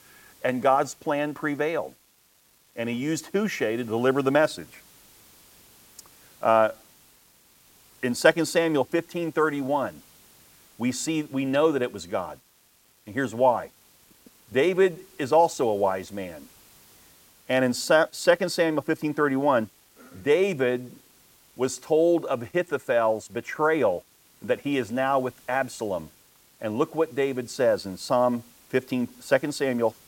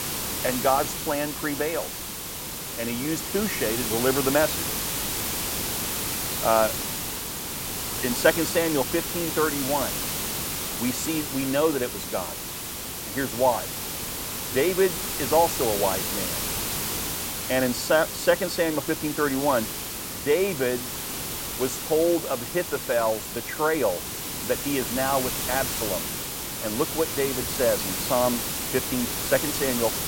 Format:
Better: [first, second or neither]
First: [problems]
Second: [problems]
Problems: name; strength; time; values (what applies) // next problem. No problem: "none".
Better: first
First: hiss; faint; throughout; 30 dB below the speech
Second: hiss; loud; throughout; 2 dB below the speech